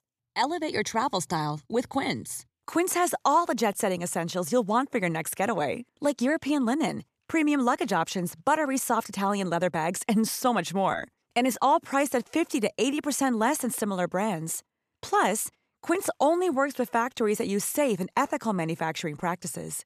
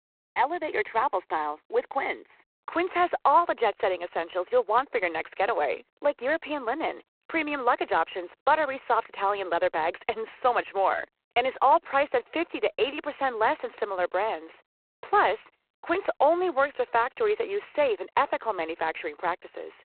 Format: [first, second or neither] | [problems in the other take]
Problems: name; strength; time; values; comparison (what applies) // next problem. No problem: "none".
first | phone-call audio; poor line; nothing above 4 kHz